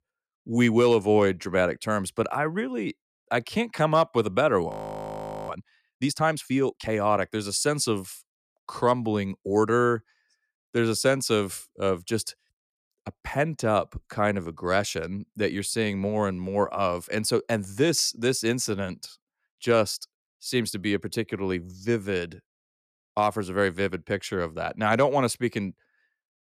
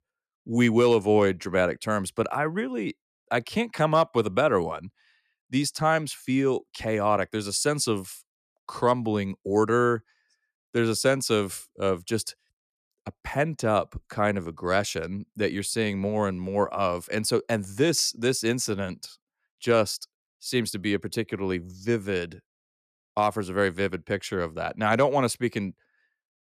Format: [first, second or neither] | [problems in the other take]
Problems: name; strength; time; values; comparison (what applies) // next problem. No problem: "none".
second | audio freezing; at 4.5 s for 1 s